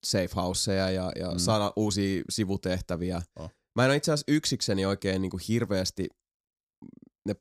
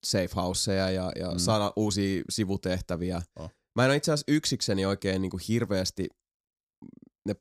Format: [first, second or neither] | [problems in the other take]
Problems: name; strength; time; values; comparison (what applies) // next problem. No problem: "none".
neither | none